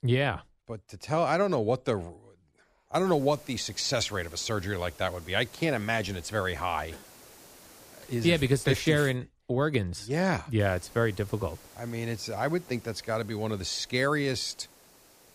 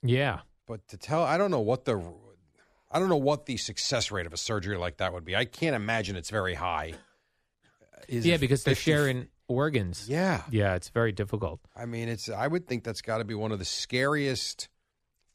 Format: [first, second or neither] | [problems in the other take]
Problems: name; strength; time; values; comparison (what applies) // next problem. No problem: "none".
second | hiss; faint; from 3 to 9 s and from 11 s on; 20 dB below the speech